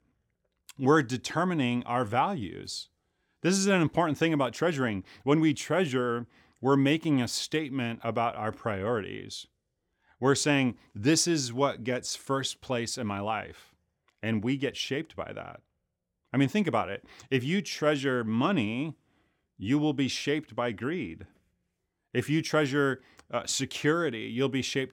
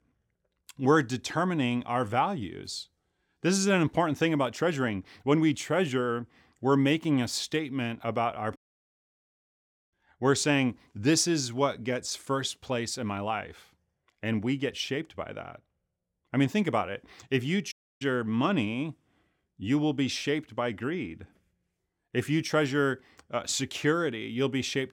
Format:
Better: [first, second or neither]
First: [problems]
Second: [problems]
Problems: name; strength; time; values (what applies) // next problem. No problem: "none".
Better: first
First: none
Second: audio cutting out; at 8.5 s for 1.5 s and at 18 s